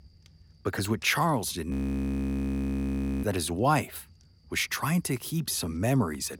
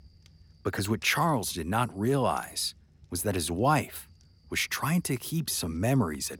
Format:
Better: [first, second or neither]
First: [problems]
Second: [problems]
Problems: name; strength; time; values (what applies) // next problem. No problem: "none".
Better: second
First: audio freezing; at 1.5 s for 1.5 s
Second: none